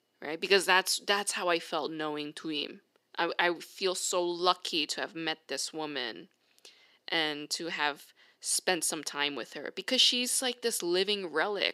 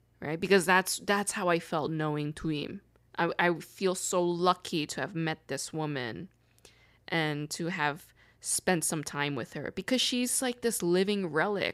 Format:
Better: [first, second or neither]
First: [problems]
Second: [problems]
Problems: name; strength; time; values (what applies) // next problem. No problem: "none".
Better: second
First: thin; somewhat; fading below 300 Hz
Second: none